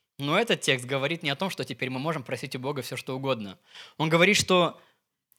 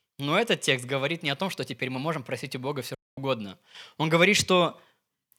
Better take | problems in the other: first | audio cutting out; at 3 s

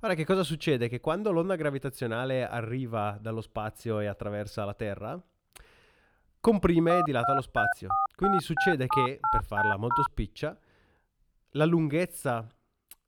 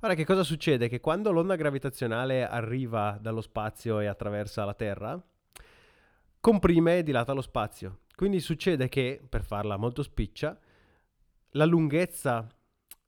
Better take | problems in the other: second | phone ringing; loud; from 7 to 10 s; peak 3 dB above the speech

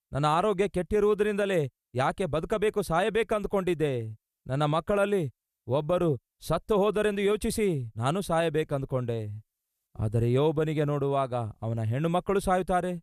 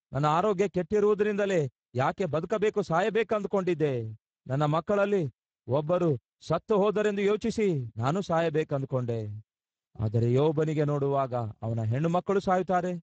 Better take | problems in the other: first | garbled, watery; badly; nothing above 7.5 kHz

